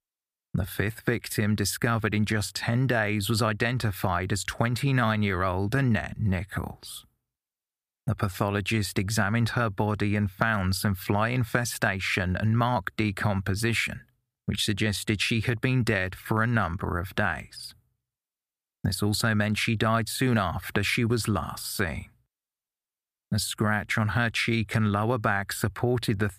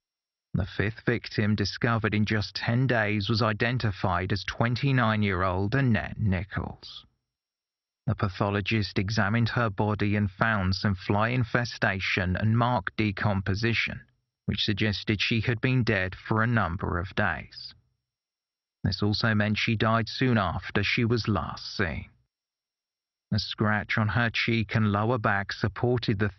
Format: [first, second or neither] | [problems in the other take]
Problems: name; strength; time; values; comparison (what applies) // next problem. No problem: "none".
first | garbled, watery; slightly; nothing above 5.5 kHz